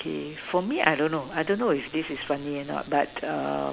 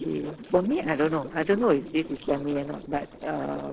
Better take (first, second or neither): first